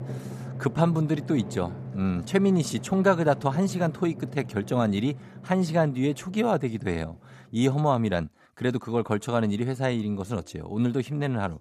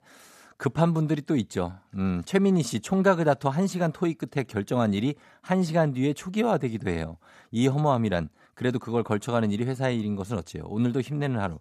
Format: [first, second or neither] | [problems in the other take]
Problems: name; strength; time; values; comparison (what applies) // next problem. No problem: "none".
second | background music; noticeable; throughout; 15 dB below the speech